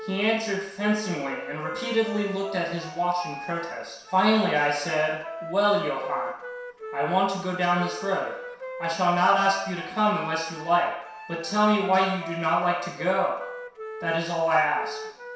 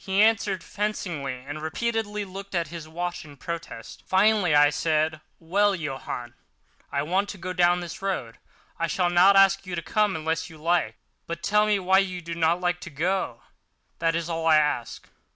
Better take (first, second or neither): second